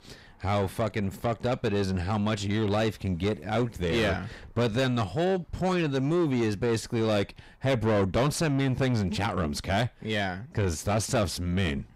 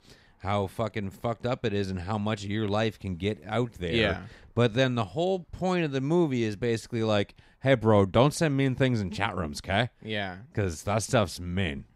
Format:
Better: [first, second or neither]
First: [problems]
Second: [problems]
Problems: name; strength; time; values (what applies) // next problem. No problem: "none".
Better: second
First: distortion; heavy; 6 dB below the speech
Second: none